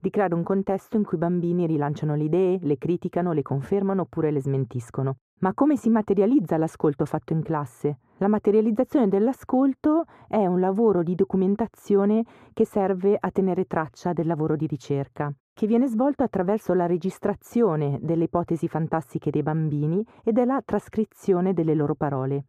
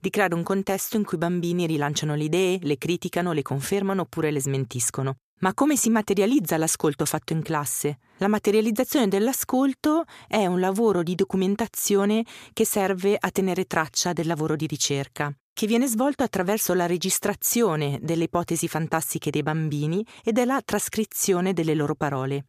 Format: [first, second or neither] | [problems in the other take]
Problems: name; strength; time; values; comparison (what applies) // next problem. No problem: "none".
second | muffled; very; fading above 2 kHz